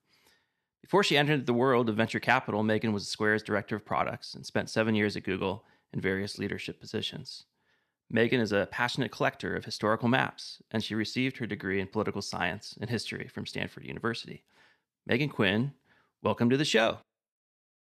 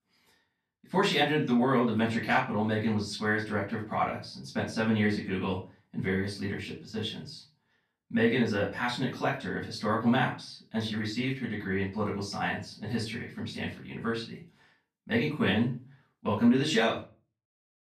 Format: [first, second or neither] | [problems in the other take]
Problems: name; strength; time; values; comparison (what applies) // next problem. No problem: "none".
first | off-mic speech; far // room echo; slight; dies away in 0.3 s